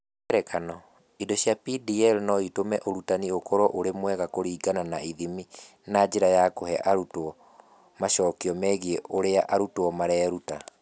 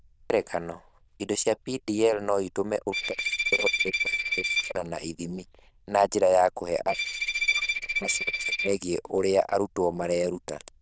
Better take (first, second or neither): first